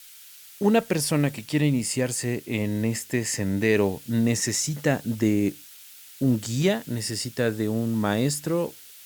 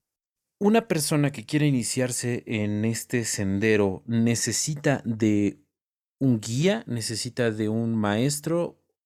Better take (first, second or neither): second